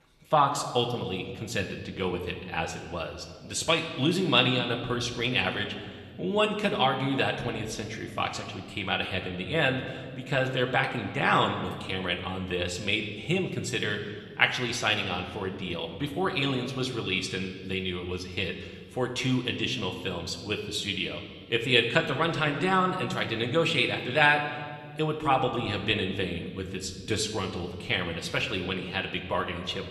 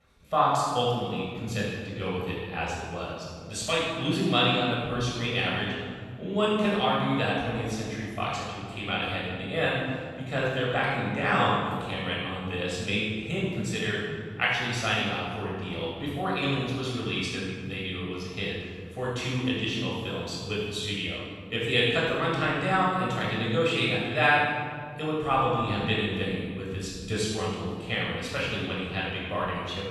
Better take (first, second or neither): first